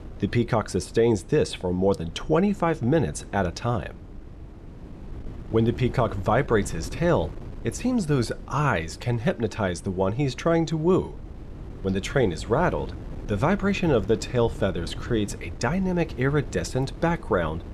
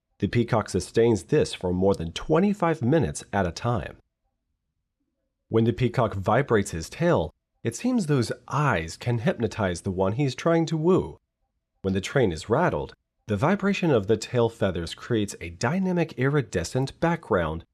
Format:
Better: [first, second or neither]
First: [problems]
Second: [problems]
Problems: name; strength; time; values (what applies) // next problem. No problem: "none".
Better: second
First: wind noise on the microphone; occasional gusts; 20 dB below the speech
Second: none